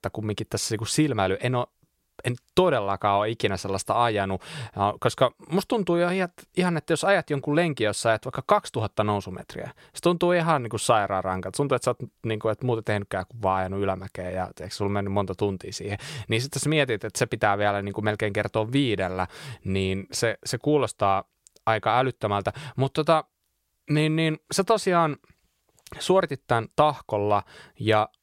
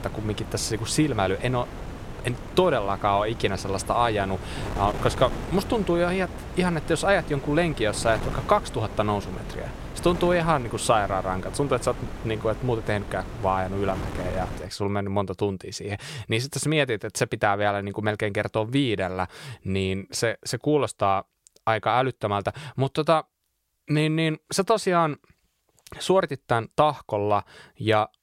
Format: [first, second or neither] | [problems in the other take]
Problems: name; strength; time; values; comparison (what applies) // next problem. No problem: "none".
first | wind noise on the microphone; occasional gusts; until 15 s; 15 dB below the speech